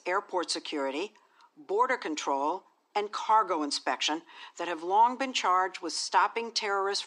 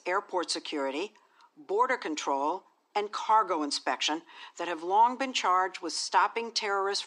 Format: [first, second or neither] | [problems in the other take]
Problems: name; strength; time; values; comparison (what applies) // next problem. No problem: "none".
neither | thin; somewhat; fading below 300 Hz; the same in both